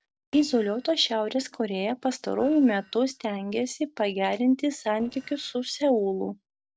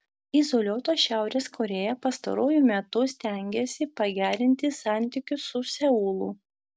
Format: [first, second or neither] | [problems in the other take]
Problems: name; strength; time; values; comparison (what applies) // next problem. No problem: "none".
second | noise reduction (neural separator model SepFormer DNS4)